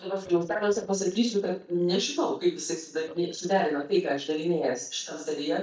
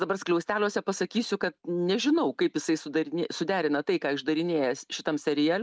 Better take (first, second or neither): second